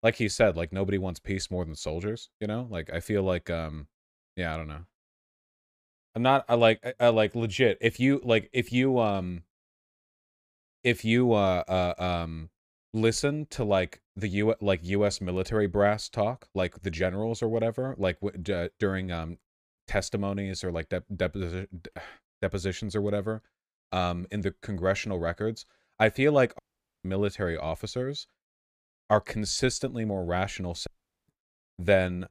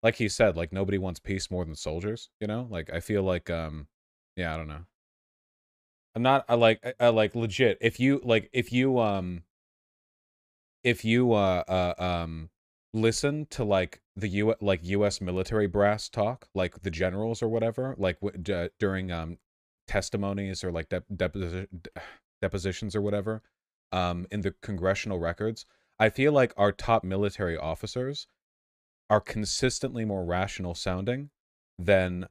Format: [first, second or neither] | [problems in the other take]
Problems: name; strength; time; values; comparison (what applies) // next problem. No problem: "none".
second | audio cutting out; at 27 s and at 31 s